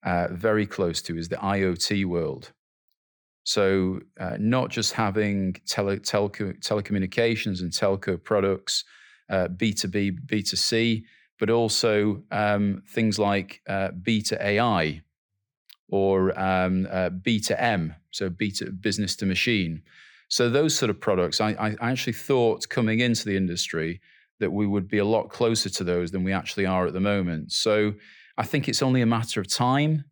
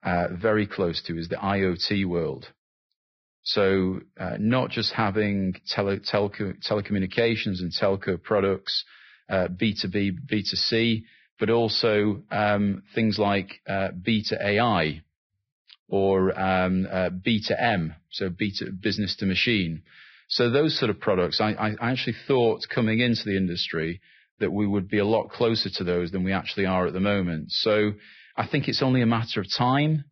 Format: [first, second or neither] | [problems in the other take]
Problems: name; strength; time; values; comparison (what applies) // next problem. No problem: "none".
first | garbled, watery; badly; nothing above 5 kHz